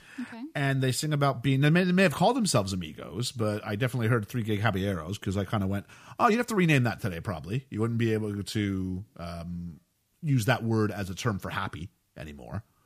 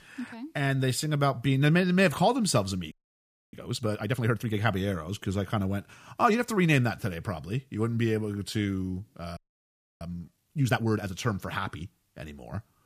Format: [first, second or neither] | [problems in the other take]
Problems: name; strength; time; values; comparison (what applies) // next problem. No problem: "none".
first | audio freezing; at 3 s for 0.5 s and at 9.5 s for 0.5 s